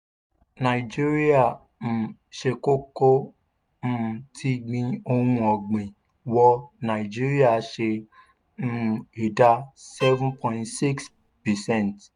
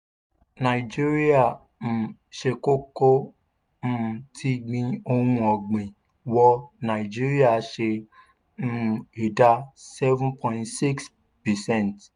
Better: second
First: background sound (Bowed string instrument); 12 dB below the speech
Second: none

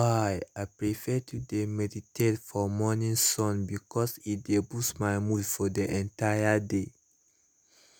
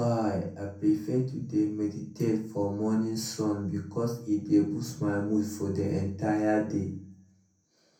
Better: first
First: none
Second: room echo; dies away in 0.5 s

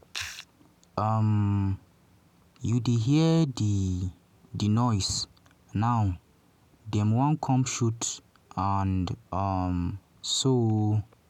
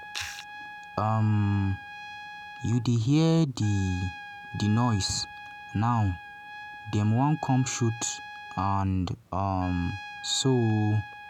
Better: first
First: none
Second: background sound (Trumpet); 15 dB below the speech

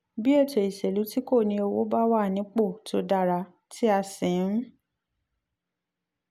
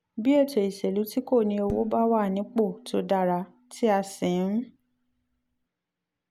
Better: first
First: none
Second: background sound (Dishes, pots, and pans); 16 dB below the speech

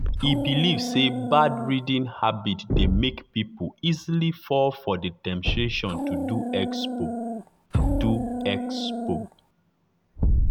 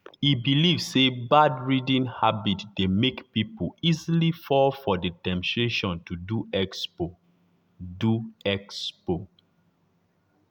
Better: second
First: background sound (Thump, thud + Dog); 1 dB below the speech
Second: none

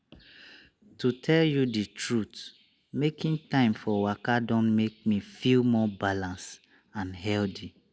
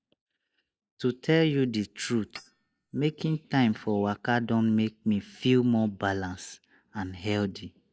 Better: first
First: none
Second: noise reduction (neural mask model DeepFilterNet 3)

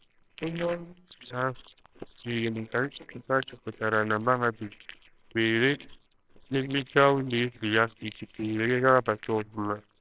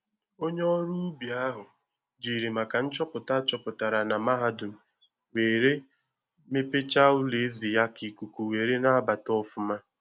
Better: second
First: noise reduction (neural separator model SepFormer WHAMR!)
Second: none

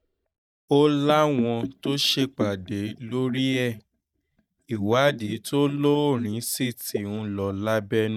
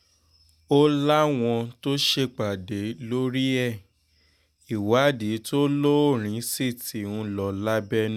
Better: second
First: noise reduction (neural mask model DeepFilterNet 3)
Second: none

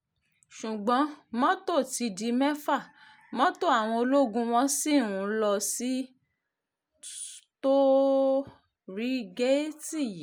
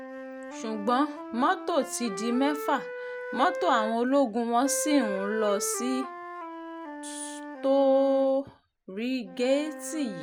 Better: first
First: none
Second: background sound (Wind instrument, woodwind instrument); 9 dB below the speech

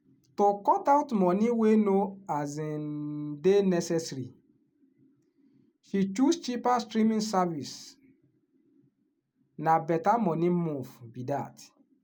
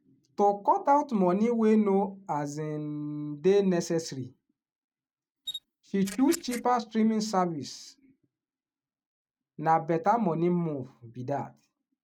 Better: first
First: none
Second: noise reduction (neural mask model RNNoise)

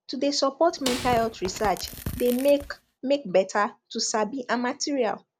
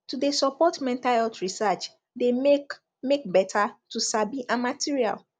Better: second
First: background sound (Tearing + Snare drum); 11 dB below the speech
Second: none

